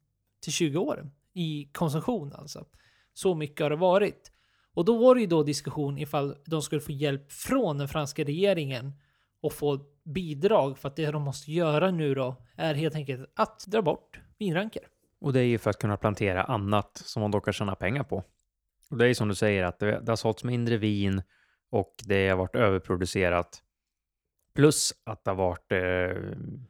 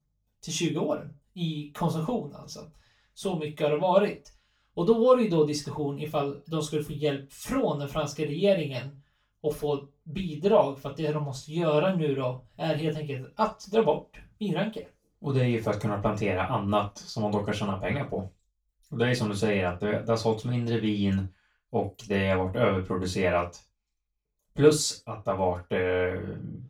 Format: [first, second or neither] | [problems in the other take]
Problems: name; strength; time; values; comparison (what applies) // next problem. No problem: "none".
first | room echo; slight; dies away in 0.2 s // off-mic speech; far